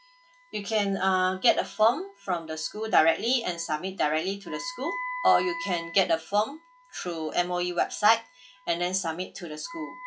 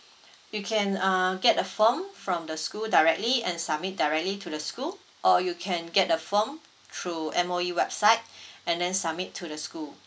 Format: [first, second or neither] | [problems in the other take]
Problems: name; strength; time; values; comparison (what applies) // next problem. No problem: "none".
second | noise reduction (classical method log-MMSE)